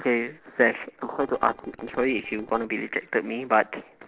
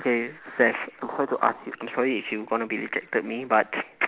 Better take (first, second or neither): second